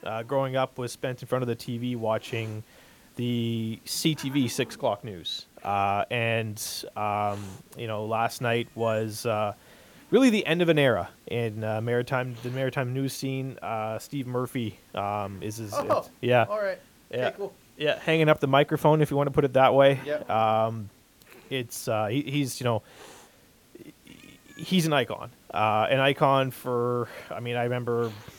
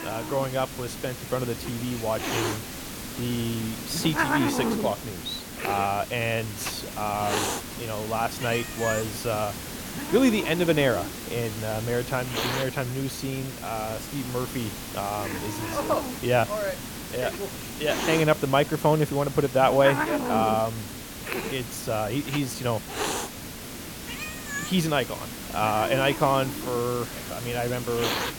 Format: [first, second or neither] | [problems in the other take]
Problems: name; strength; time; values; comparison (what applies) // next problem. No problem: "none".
first | hiss; loud; throughout; 5 dB below the speech; faint in the first